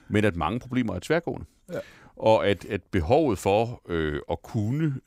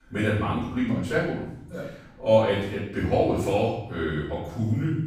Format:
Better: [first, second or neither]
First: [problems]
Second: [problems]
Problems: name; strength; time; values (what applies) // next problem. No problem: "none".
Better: first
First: none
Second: off-mic speech; far // room echo; noticeable; dies away in 0.7 s